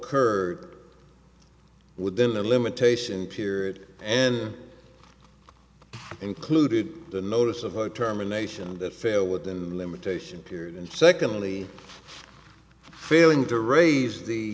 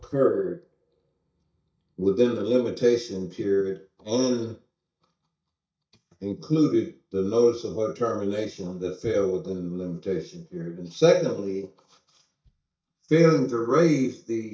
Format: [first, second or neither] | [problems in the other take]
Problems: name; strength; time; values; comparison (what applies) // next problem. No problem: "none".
first | noise reduction (neural mask model DeepFilterNet 3)